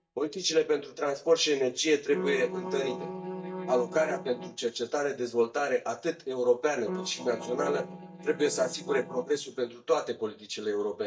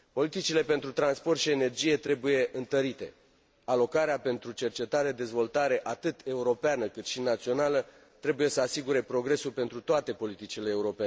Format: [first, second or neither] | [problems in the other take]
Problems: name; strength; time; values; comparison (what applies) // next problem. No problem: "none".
second | noise reduction (neural mask model DeepFilterNet 3)